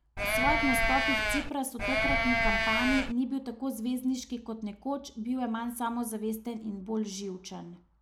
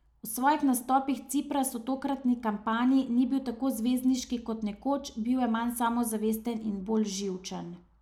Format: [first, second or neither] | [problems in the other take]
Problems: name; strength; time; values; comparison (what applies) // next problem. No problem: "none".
second | background sound (Livestock, farm animals, working animals); 5 dB above the speech